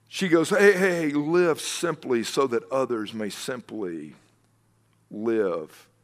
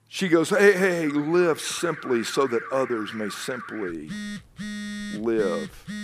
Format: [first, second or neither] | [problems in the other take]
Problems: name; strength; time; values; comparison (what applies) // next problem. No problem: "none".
first | alarms or sirens; noticeable; throughout; 15 dB below the speech